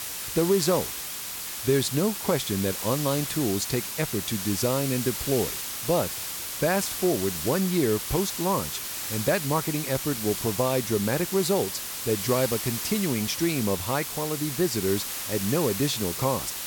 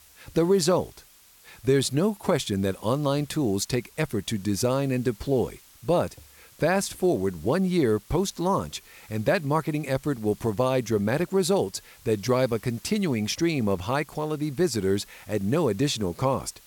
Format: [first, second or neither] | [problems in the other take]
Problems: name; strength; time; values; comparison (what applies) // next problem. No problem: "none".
second | hiss; loud; throughout; 4 dB below the speech; faint in the second